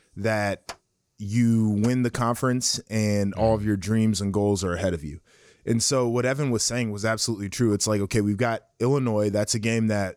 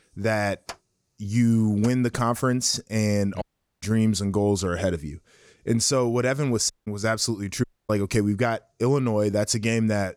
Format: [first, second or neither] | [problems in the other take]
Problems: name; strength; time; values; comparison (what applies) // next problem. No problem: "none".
first | audio cutting out; at 3.5 s, at 6.5 s and at 7.5 s